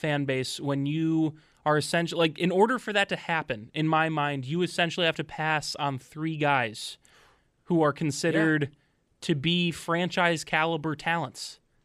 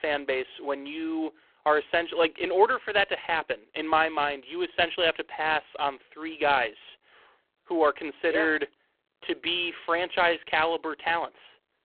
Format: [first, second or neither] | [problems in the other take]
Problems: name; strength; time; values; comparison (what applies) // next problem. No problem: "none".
first | phone-call audio; poor line